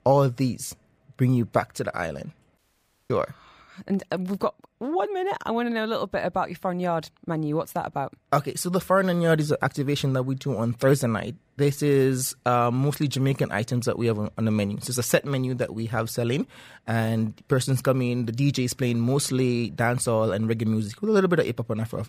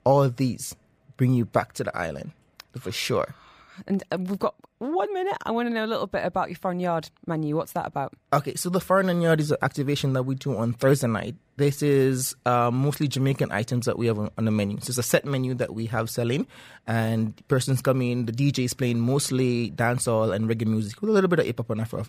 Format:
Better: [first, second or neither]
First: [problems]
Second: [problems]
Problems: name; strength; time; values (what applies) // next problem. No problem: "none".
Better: second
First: audio cutting out; at 2.5 s for 0.5 s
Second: none